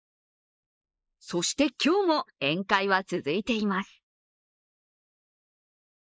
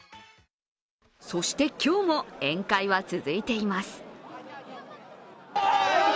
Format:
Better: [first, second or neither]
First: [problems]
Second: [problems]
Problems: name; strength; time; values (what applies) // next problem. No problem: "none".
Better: second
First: noise reduction (neural mask model Resemble Enhance denoiser)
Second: none